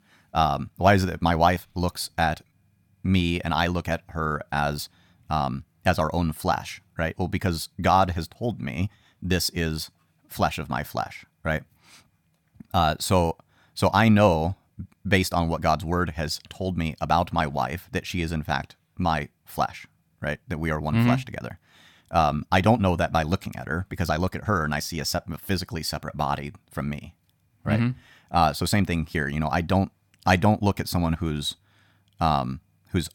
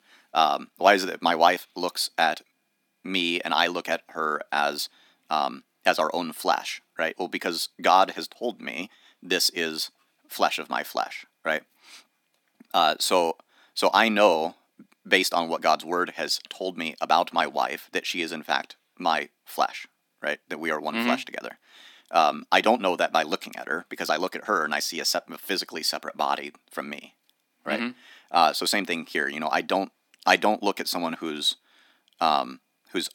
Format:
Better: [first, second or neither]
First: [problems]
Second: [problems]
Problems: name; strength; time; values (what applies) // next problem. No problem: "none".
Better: first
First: none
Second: thin; somewhat; fading below 250 Hz